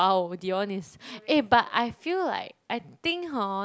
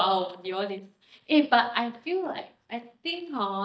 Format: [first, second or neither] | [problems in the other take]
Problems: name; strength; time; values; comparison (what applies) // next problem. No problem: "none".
first | noise reduction (neural mask model DeepFilterNet 3)